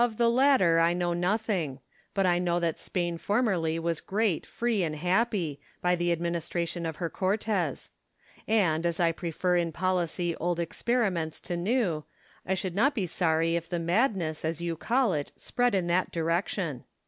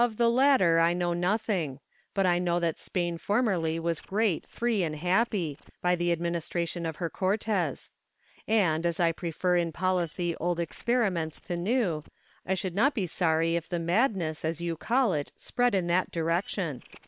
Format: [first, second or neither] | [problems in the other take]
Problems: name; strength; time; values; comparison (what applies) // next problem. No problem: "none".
first | noise reduction (neural separator model SepFormer WHAM!)